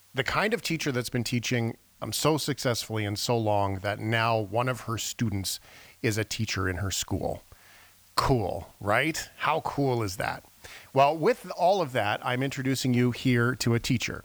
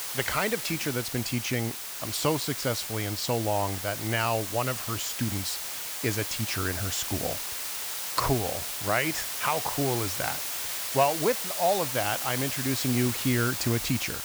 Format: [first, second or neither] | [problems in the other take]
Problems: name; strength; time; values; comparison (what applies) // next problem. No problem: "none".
first | hiss; loud; throughout; 2 dB below the speech; faint in the first